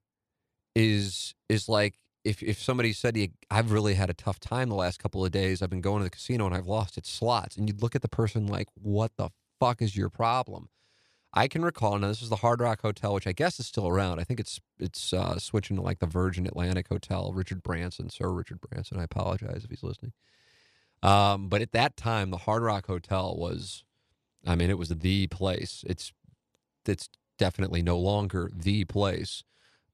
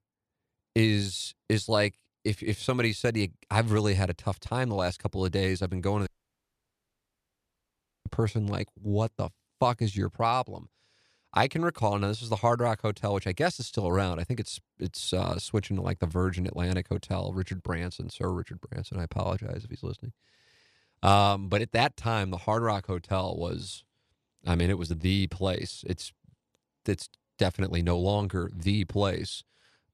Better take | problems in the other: first | audio cutting out; at 6 s for 2 s

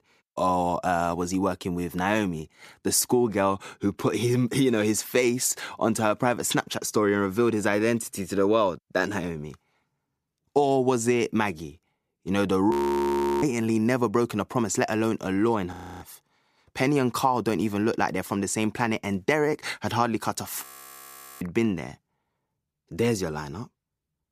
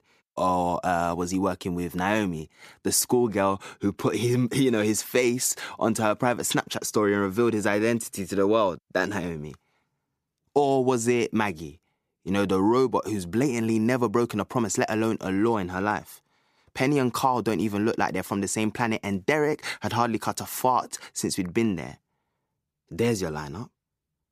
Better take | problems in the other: second | audio freezing; at 13 s for 0.5 s, at 16 s and at 21 s for 1 s

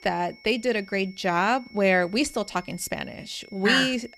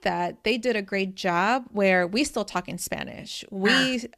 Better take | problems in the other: second | high-pitched whine; faint; throughout; 2 kHz, 25 dB below the speech

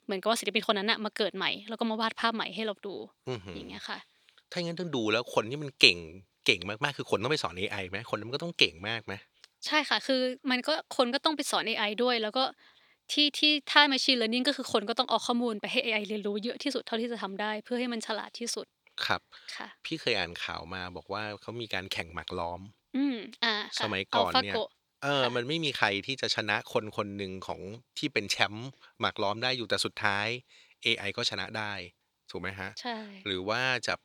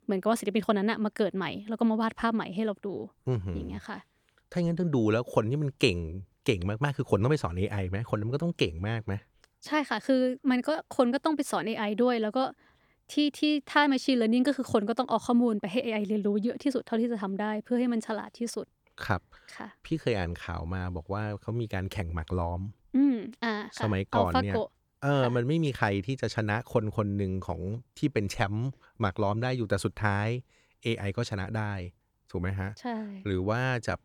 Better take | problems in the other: second | thin; very slightly; fading below 500 Hz

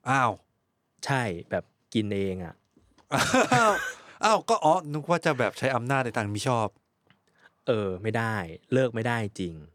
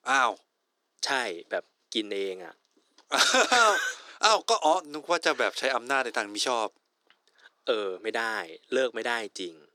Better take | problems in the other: first | thin; somewhat; fading below 350 Hz

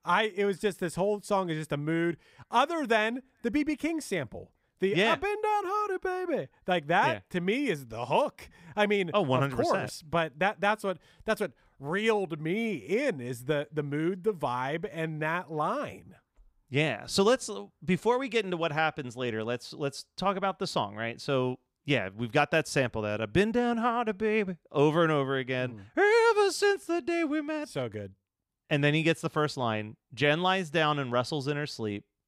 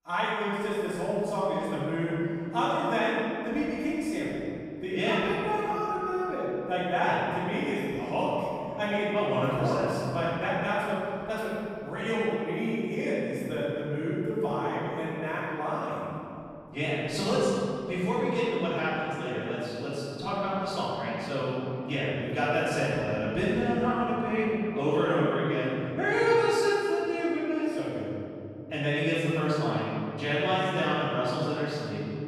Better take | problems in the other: first | off-mic speech; far // room echo; strong; dies away in 2.8 s

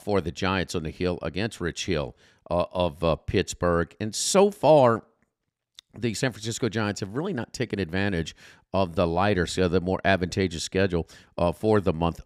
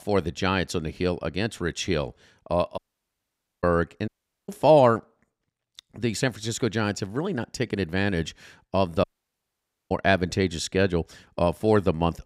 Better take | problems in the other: first | audio cutting out; at 3 s for 1 s, at 4 s and at 9 s for 1 s

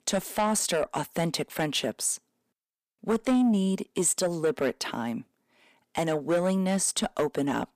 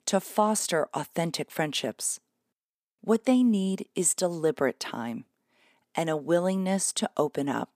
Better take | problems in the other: second | distortion; slight; 10 dB below the speech

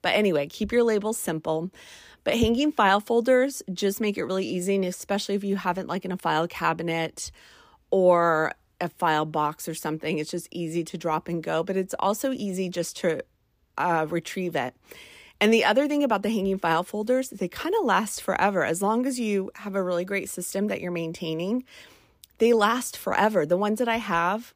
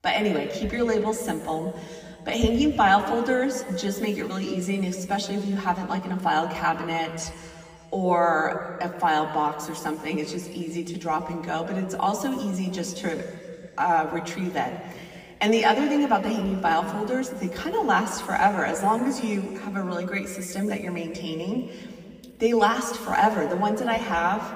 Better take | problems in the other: first | room echo; slight; dies away in 2.1 s // off-mic speech; far

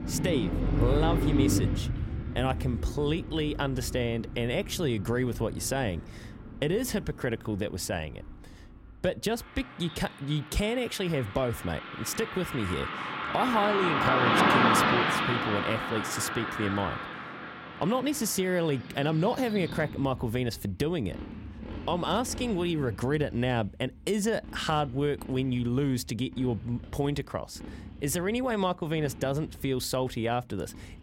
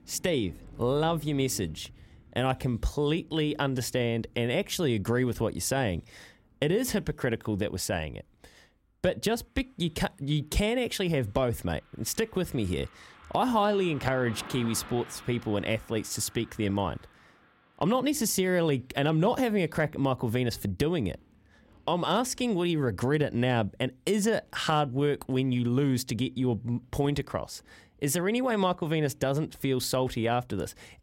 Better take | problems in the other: second | traffic noise; loud; throughout; 1 dB below the speech; faint in the second

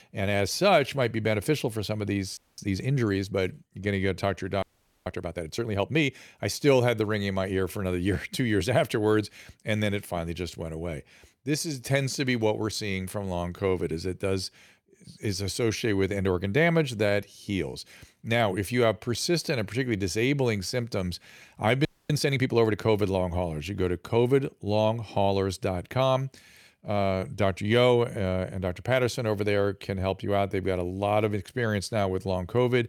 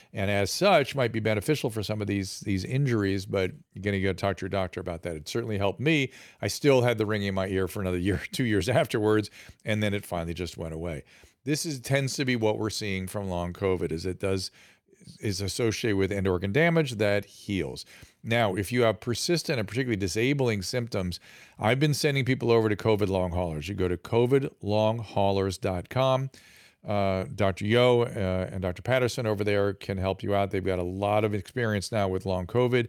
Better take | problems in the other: second | audio freezing; at 2.5 s, at 4.5 s and at 22 s

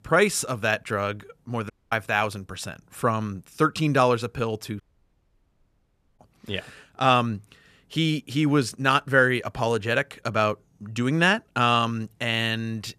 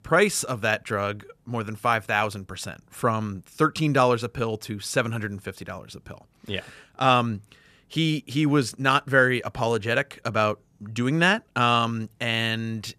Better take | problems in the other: second | audio cutting out; at 1.5 s and at 5 s for 1.5 s

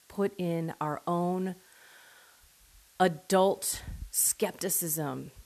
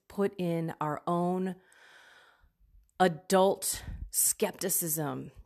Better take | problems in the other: second | hiss; faint; throughout; 30 dB below the speech

